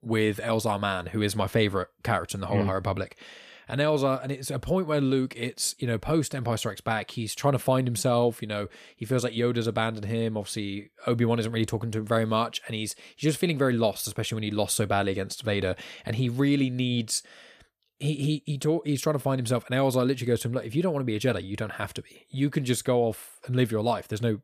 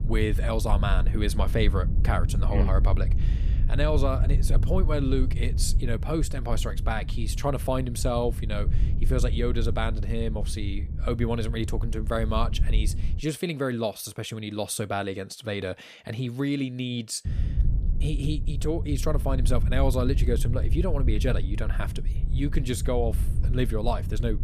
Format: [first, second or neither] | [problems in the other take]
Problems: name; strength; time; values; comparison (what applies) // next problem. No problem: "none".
first | low rumble; noticeable; until 13 s and from 17 s on; 15 dB below the speech